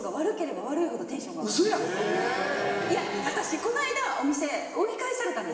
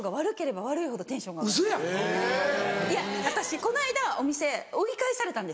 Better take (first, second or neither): second